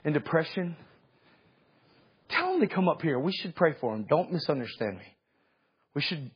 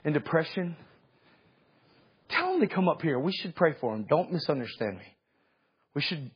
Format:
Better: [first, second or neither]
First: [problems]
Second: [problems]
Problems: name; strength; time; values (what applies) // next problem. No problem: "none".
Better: neither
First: garbled, watery; badly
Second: garbled, watery; badly